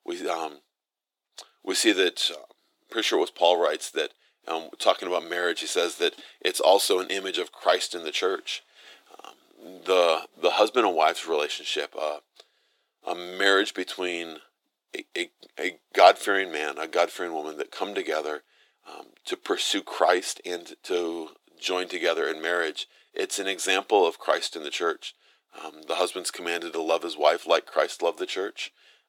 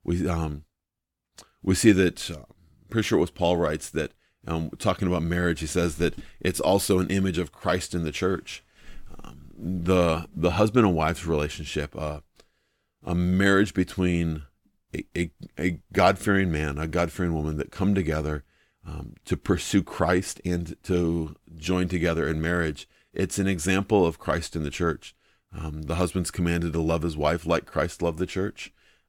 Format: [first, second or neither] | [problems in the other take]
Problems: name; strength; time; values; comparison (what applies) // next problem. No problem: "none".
second | thin; very; fading below 350 Hz